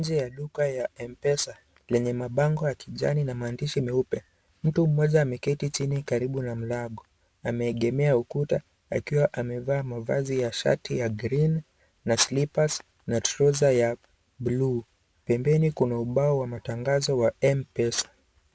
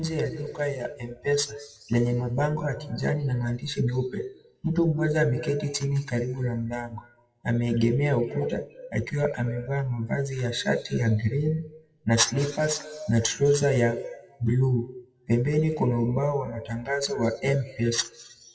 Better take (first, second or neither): first